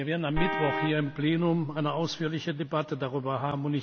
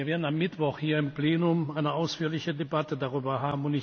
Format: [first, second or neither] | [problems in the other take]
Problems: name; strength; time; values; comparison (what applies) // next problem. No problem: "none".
second | background sound (Vehicle horn, car horn, honking); 5 dB below the speech